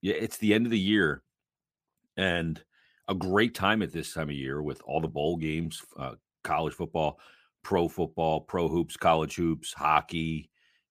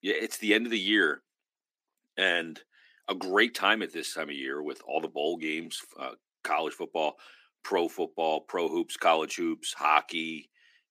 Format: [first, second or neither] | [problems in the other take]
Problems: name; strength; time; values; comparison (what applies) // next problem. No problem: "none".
first | thin; somewhat; fading below 250 Hz